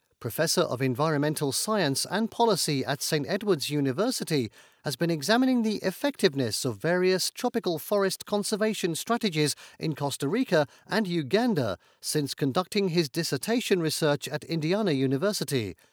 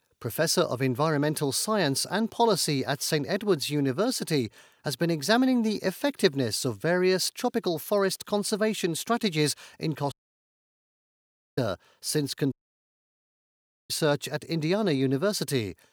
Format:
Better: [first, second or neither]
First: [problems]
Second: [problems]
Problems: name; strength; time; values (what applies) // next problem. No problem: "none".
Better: first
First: none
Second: audio cutting out; at 10 s for 1.5 s and at 13 s for 1.5 s